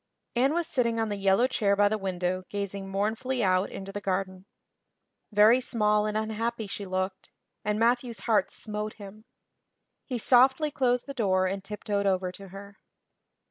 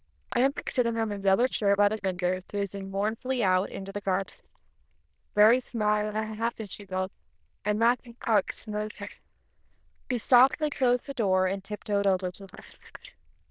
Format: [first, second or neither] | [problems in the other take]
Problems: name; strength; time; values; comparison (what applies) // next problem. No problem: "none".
first | noise reduction (neural diffusion model UNIVERSE++)